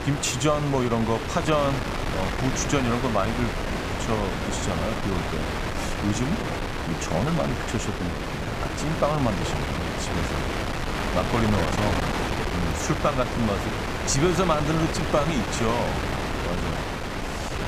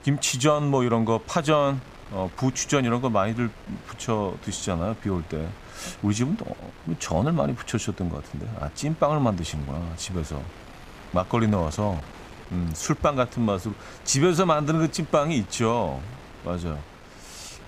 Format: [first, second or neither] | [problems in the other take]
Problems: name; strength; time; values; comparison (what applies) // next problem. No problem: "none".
second | wind noise on the microphone; heavy; 1 dB below the speech; occasional gusts in the second